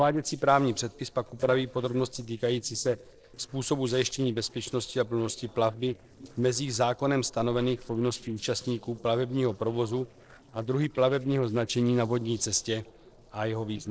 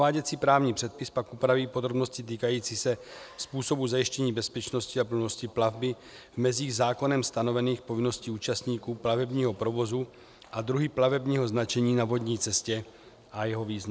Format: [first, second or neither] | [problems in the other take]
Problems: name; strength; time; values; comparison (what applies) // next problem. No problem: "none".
second | noise reduction (neural separator model SepFormer DNS4)